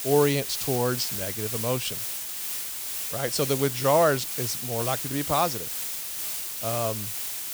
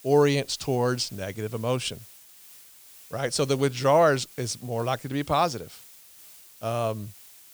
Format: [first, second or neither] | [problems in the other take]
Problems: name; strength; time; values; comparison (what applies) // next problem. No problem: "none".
second | hiss; loud; throughout; 2 dB below the speech; faint in the second